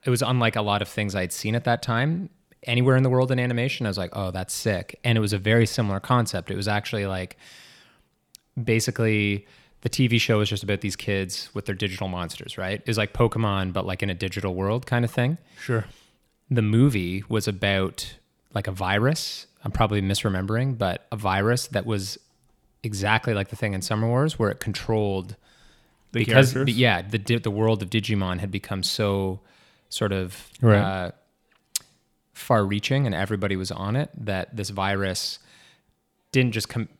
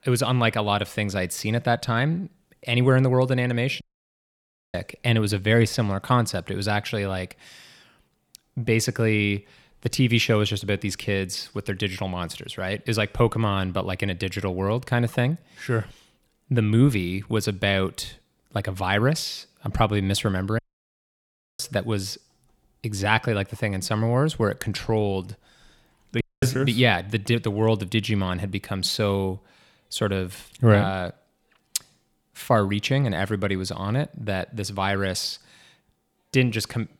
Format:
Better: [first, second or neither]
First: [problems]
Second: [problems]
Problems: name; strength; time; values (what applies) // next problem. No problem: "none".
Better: first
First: none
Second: audio cutting out; at 4 s for 1 s, at 21 s for 1 s and at 26 s